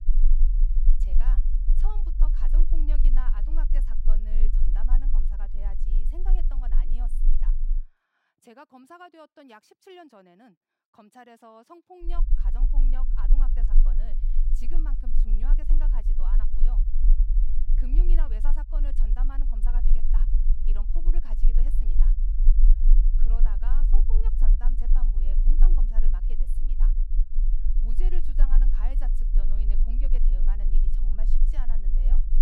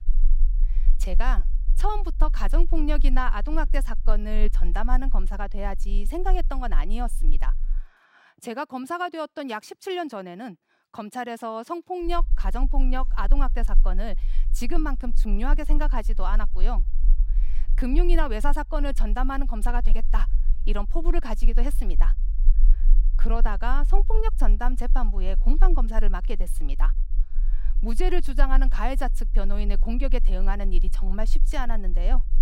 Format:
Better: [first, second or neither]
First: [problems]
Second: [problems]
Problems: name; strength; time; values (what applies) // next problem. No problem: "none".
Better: second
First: low rumble; loud; until 8 s and from 12 s on; 5 dB below the speech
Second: low rumble; faint; until 8 s and from 12 s on; 25 dB below the speech